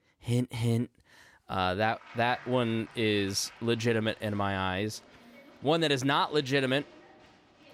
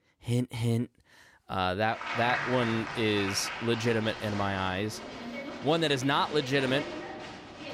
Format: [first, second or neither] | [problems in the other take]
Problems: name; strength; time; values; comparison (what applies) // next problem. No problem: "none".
first | crowd noise; loud; from 2 s on; 8 dB below the speech; faint in the first